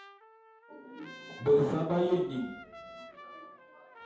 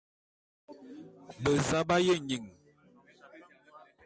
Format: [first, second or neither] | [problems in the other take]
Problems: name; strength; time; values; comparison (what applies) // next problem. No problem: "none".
second | background sound (Trumpet); 18 dB below the speech // room echo; dies away in 0.8 s